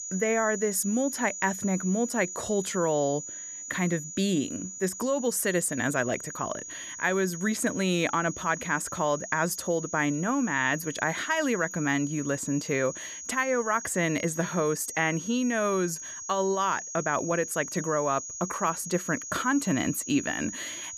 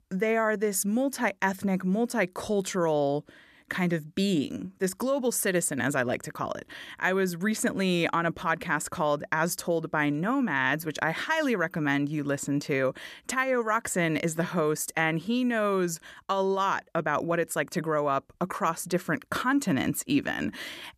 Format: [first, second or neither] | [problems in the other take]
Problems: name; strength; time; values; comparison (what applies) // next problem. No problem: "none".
second | high-pitched whine; loud; throughout; 6.5 kHz, 9 dB below the speech